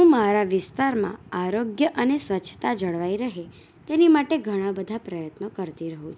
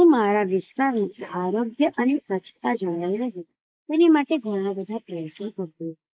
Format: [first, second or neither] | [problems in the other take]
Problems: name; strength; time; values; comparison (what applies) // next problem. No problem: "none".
first | noise reduction (neural mask model Resemble Enhance denoiser)